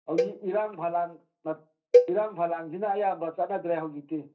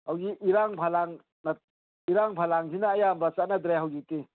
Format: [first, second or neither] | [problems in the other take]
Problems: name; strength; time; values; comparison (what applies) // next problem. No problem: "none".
second | noise reduction (neural mask model DeepFilterNet 3)